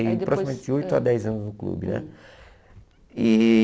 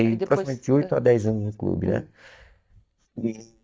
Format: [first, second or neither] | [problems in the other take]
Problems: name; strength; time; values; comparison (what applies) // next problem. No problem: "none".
first | noise reduction (neural mask model DeepFilterNet 3)